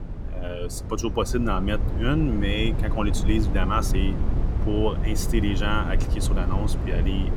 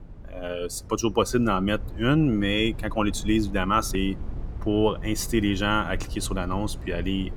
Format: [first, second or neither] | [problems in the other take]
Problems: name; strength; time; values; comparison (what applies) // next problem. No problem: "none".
second | low rumble; loud; throughout; 9 dB below the speech; faint in the second